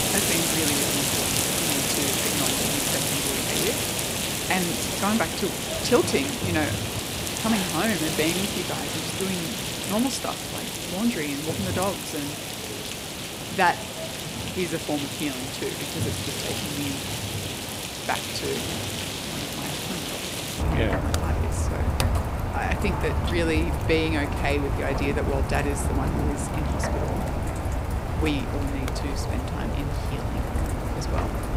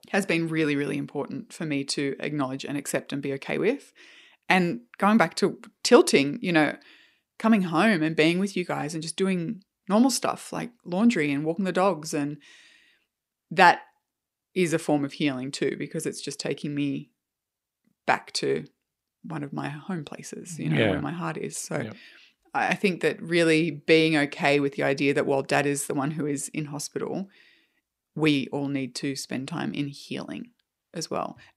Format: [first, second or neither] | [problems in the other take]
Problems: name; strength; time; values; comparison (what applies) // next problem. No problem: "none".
second | rain or running water; very loud; throughout; 3 dB above the speech